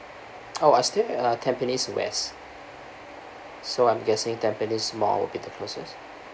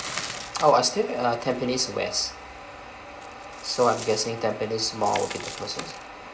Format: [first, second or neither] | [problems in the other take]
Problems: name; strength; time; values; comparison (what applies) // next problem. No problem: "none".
first | background sound (Coin (dropping)); 14 dB below the speech // room echo; dies away in 0.4 s